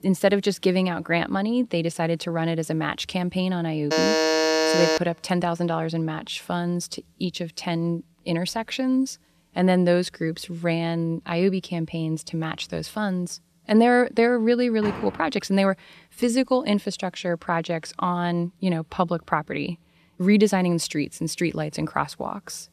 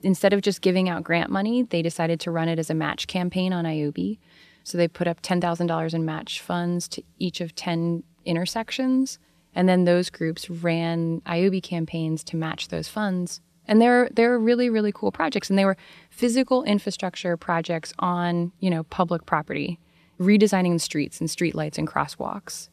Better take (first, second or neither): second